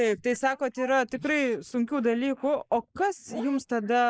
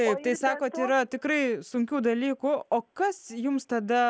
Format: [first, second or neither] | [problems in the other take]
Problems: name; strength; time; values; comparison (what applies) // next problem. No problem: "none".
second | noise reduction (neural mask model Resemble Enhance denoiser)